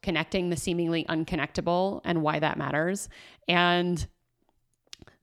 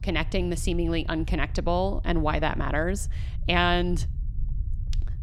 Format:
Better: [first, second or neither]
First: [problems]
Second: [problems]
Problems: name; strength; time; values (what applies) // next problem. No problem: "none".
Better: first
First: none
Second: low rumble; faint; throughout; 25 dB below the speech